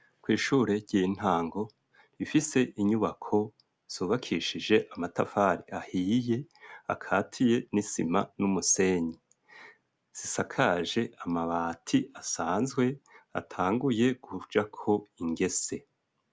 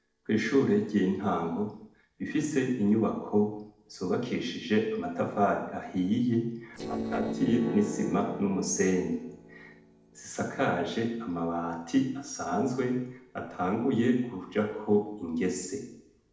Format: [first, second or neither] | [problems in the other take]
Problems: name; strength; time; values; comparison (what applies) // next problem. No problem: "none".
first | noise reduction (neural separator model SepFormer DNS4)